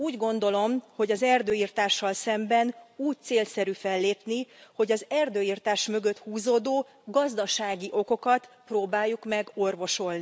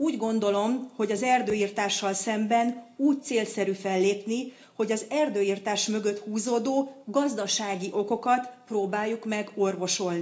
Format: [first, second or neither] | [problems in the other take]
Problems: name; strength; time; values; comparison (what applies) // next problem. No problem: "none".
first | room echo; dies away in 0.4 s